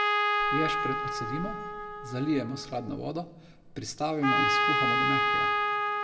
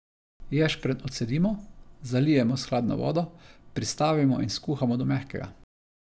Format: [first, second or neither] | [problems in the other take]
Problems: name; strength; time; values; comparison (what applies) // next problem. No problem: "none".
second | background sound (Trumpet); 5 dB above the speech // room echo; dies away in 0.9 s